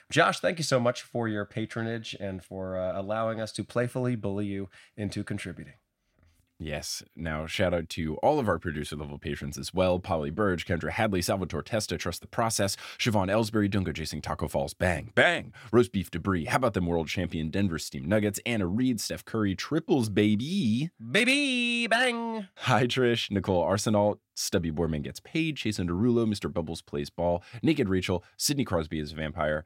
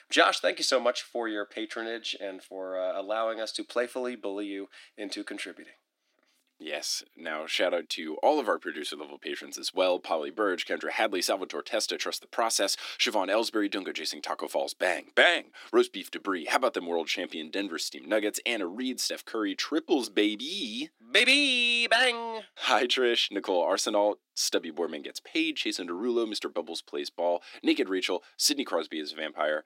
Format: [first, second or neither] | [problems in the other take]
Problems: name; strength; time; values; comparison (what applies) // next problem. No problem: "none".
first | thin; somewhat; fading below 300 Hz